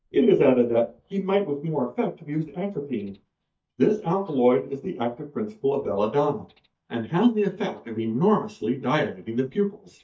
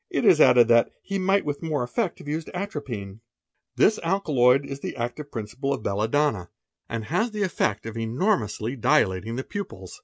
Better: second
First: noise reduction (neural mask model DeepFilterNet 3)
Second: none

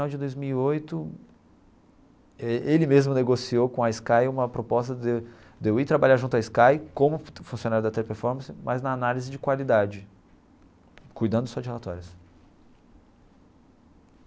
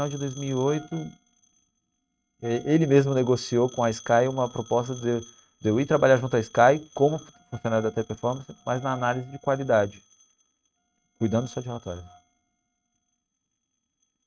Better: first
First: none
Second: noise reduction (neural mask model RNNoise)

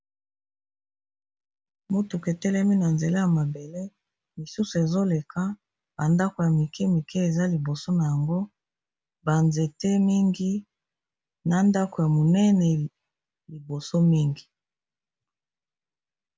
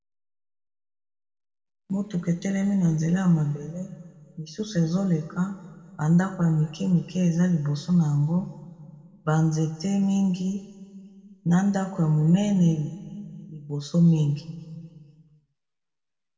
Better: first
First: none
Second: room echo; dies away in 1.5 s

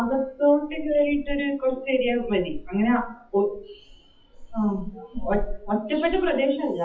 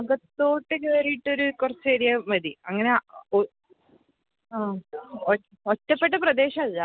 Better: second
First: noise reduction (classical method WPE with log-MMSE)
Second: none

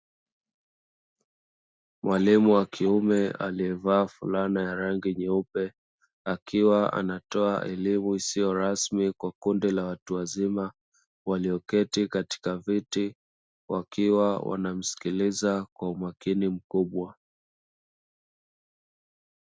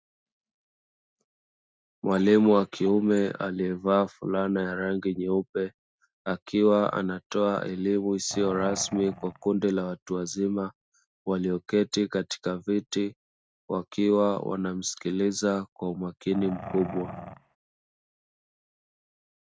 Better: first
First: none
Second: noise reduction (neural mask model RNNoise)

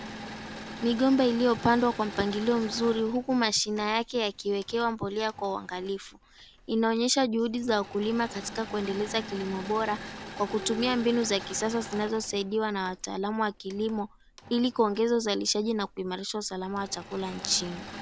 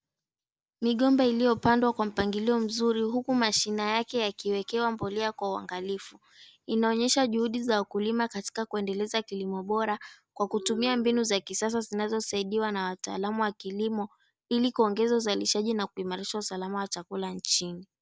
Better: second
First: background sound (Engine / Mechanisms); 15 dB below the speech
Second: none

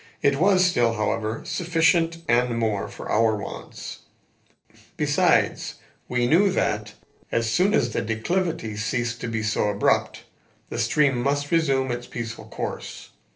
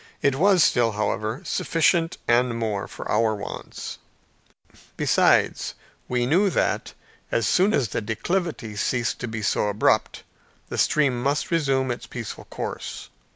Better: second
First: noise reduction (neural separator model SepFormer DNS4)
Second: none

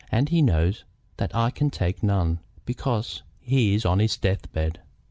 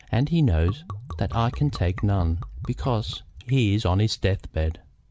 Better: first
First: none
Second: background sound (Liquid); 12 dB below the speech

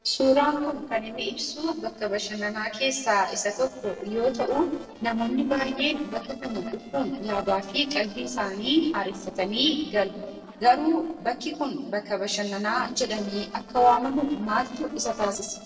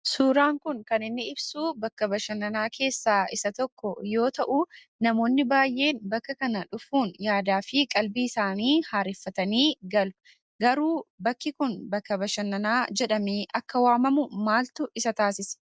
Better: second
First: noise reduction (neural separator model SepFormer DNS4)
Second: none

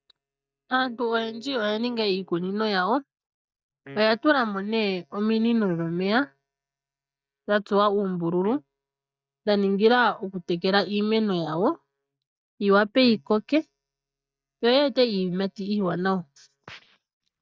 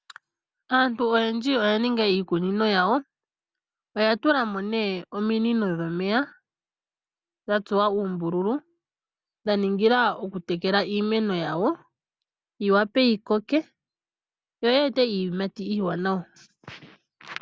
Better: second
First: noise reduction (neural mask model DeepFilterNet 3)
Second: none

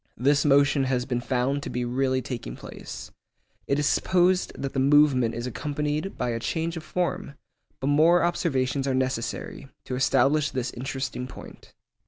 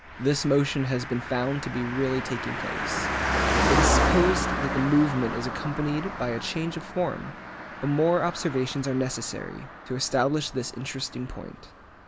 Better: first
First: none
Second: background sound (Car passing by); 2 dB below the speech

